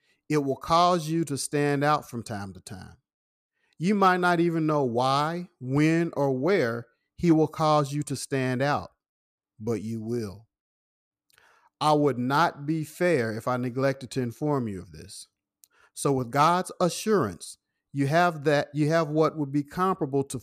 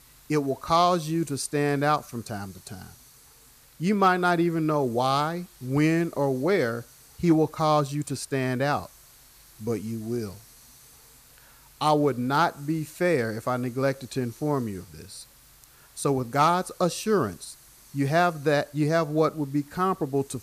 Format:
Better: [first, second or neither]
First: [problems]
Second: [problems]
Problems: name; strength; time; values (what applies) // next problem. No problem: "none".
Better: first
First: none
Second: hiss; faint; throughout; 25 dB below the speech